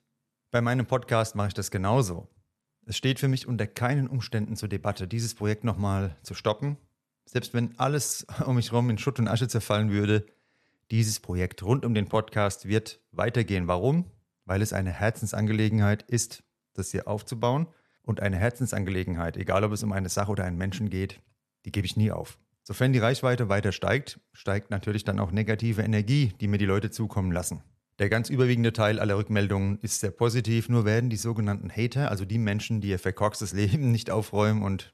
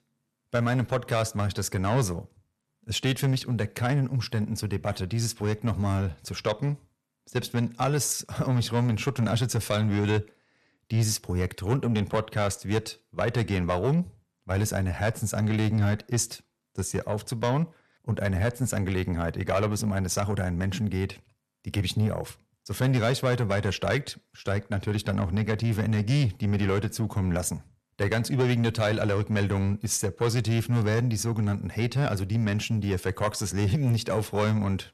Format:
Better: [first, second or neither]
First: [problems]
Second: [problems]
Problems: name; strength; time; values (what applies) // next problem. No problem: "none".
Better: first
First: none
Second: distortion; slight; 10 dB below the speech